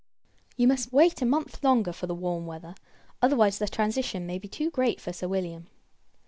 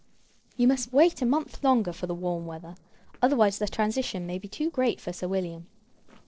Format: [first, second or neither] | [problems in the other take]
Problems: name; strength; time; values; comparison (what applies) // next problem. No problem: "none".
first | noise reduction (neural separator model SepFormer DNS4)